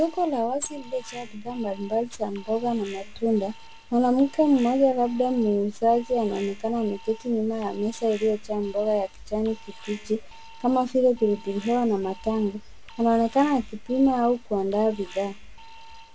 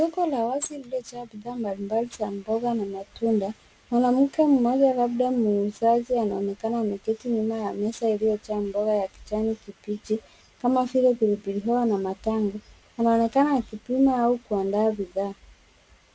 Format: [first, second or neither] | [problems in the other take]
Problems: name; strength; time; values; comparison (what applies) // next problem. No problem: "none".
second | background sound (Alarm); 17 dB below the speech